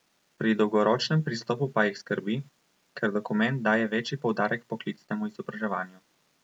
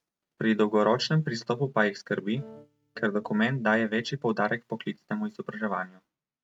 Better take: first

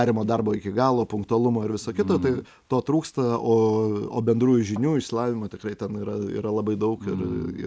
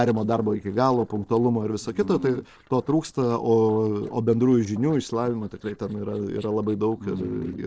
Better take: first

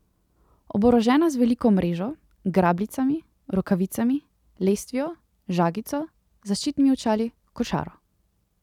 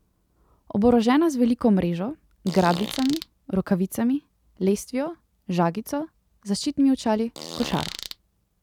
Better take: first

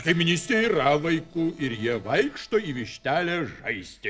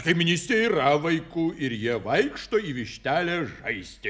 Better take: second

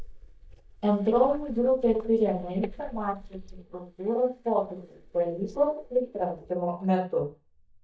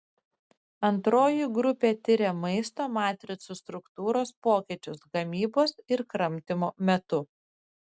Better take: second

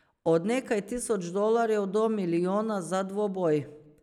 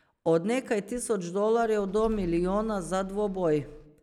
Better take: first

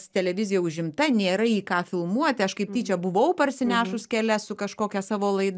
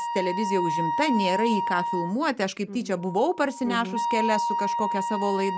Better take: first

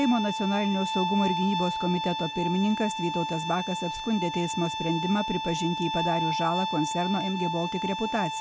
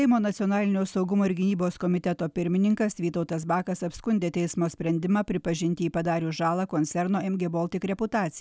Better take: second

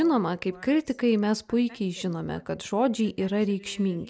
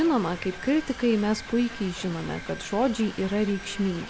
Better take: first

